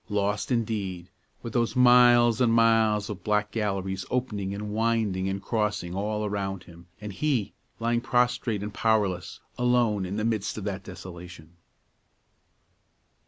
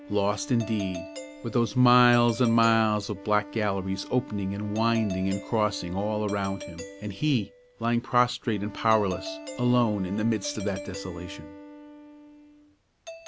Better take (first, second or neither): first